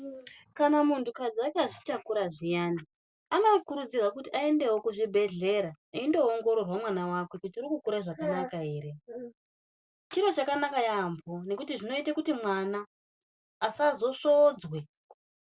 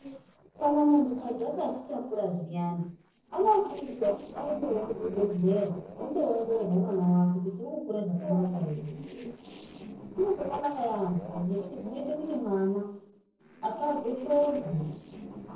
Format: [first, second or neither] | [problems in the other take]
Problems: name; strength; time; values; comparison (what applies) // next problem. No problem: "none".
first | noise reduction (neural separator model SepFormer DNS4)